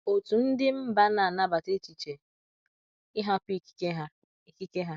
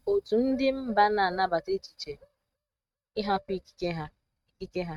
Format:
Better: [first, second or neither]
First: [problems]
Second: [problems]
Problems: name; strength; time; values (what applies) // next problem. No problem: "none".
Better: first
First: none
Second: noise reduction (neural mask model RNNoise)